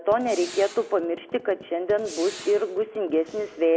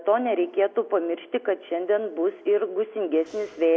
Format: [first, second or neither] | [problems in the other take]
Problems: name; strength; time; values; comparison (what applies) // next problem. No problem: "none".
second | background sound (Gunshot, gunfire); 18 dB below the speech